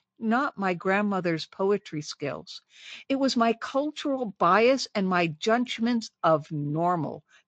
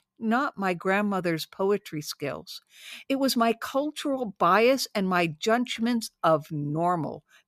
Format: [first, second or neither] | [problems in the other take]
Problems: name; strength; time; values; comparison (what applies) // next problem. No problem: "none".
second | garbled, watery; slightly; nothing above 7.5 kHz